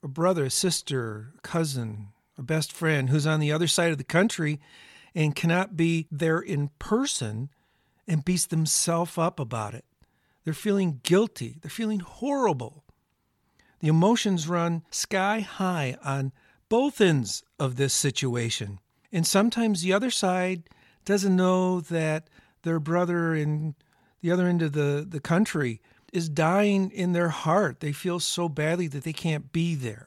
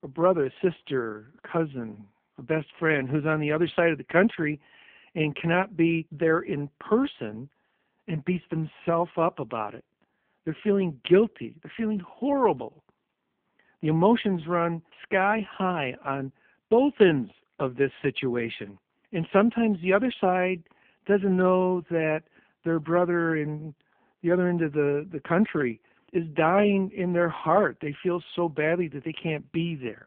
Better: first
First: none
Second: phone-call audio; poor line; nothing above 3.5 kHz

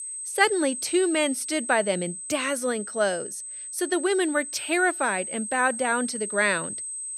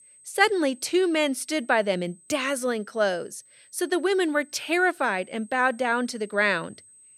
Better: second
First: high-pitched whine; loud; throughout; 8 kHz, 7 dB below the speech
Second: high-pitched whine; faint; throughout; 8 kHz, 25 dB below the speech

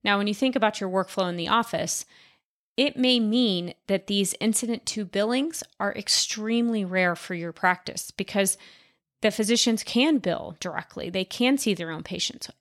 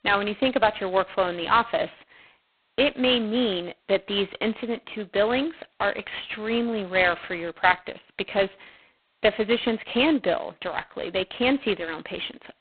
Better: first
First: none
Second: phone-call audio; poor line

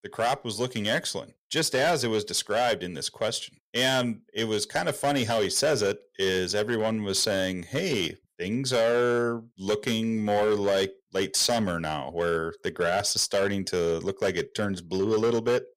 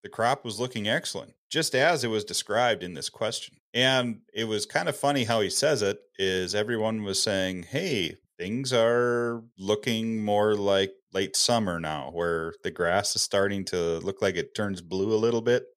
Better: second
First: distortion; slight; 7% of the sound clipped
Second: none

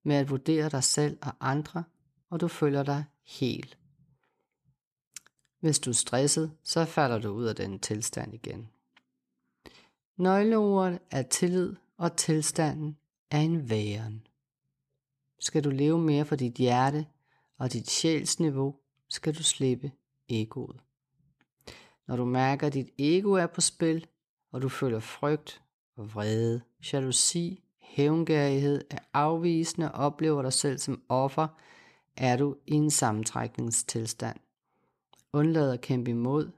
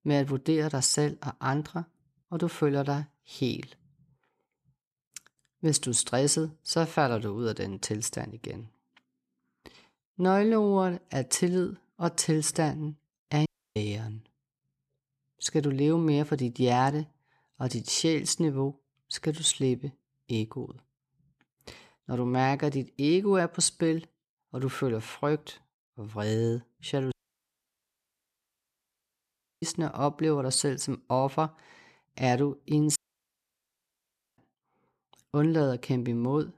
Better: first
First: none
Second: audio cutting out; at 13 s, at 27 s for 2.5 s and at 33 s for 1.5 s

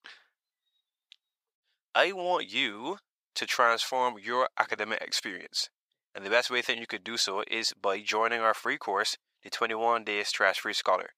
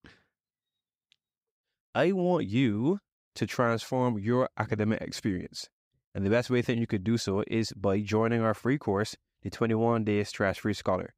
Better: second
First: thin; very; fading below 900 Hz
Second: none

